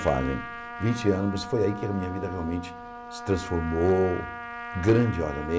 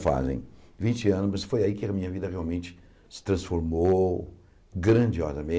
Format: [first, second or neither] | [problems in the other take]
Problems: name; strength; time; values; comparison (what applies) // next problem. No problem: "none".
second | background sound (Trumpet); 11 dB below the speech